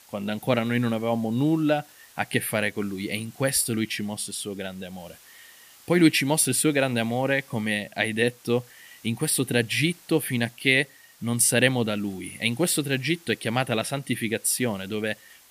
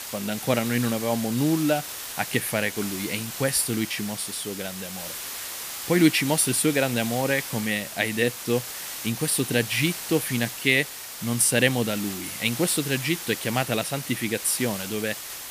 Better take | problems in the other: first | hiss; loud; throughout; 8 dB below the speech; faint in the first

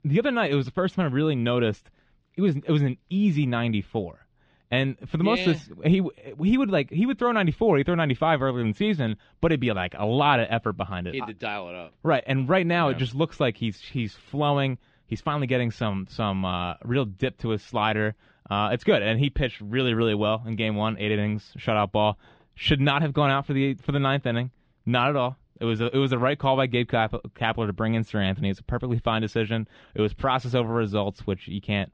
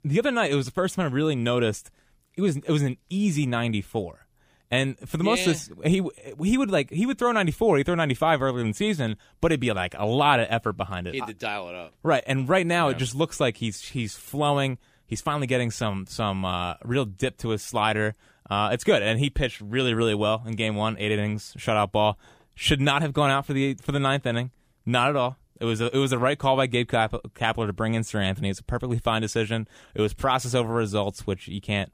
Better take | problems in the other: second | muffled; slightly; fading above 4 kHz

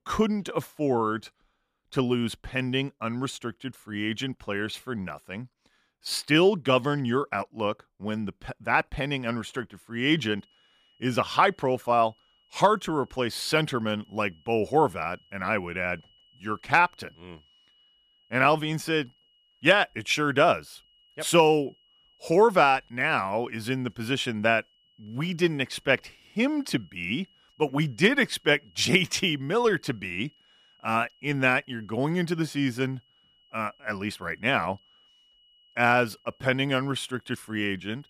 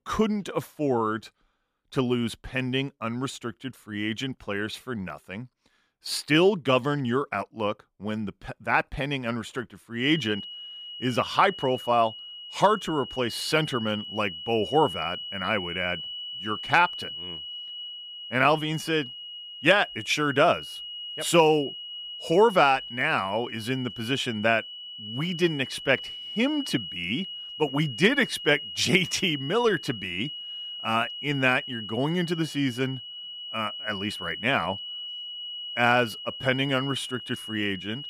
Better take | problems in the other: first | high-pitched whine; loud; from 10 s on; 3 kHz, 9 dB below the speech; faint in the first

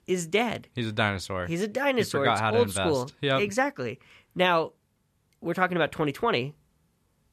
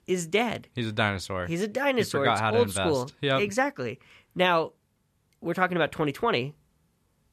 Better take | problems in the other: neither | none

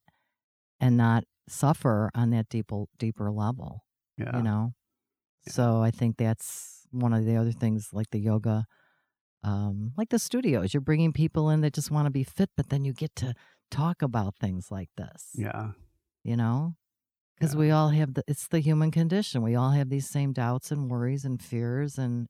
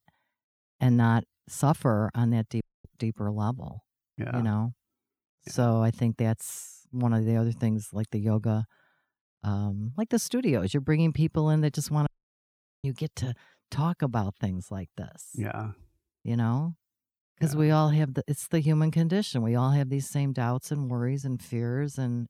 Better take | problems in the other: first | audio cutting out; at 2.5 s and at 12 s for 1 s

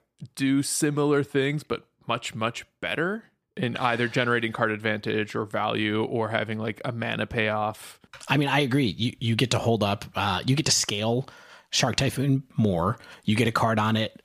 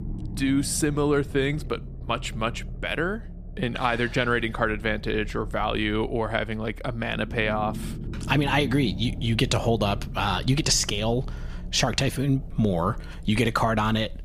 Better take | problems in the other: first | low rumble; faint; throughout; 20 dB below the speech

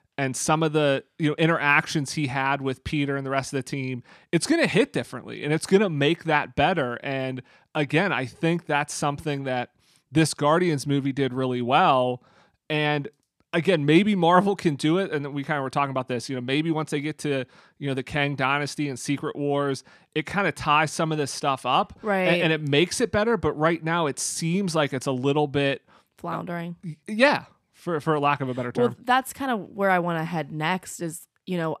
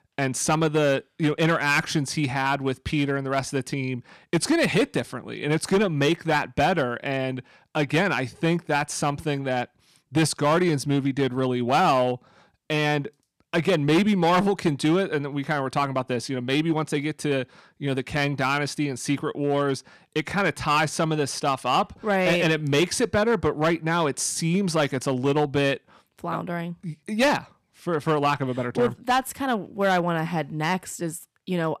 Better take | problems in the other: first | distortion; slight; 4% of the sound clipped

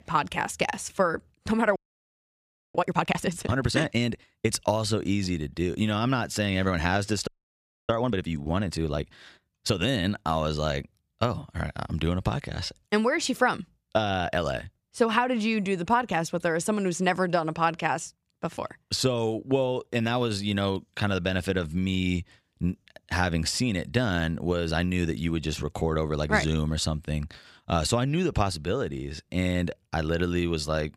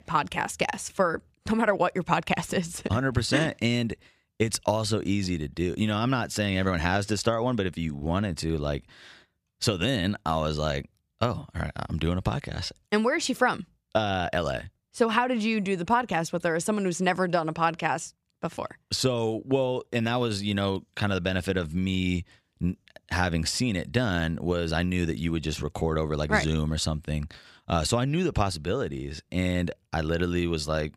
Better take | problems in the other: second | audio freezing; at 2 s for 1 s and at 7.5 s for 0.5 s

